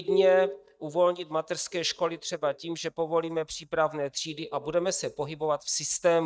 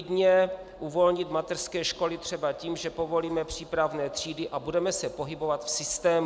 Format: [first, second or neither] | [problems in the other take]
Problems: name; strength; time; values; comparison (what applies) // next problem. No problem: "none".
second | noise reduction (neural mask model DeepFilterNet 3)